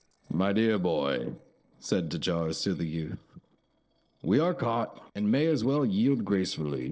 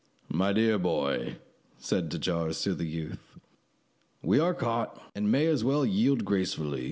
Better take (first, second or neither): second